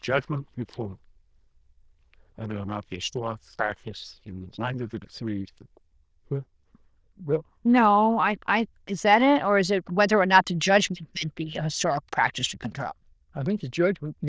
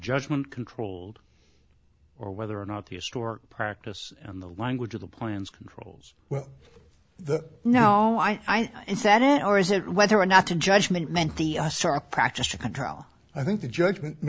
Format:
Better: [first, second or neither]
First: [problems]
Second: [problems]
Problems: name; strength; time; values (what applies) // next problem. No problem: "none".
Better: second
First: noise reduction (neural diffusion model UNIVERSE++)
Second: none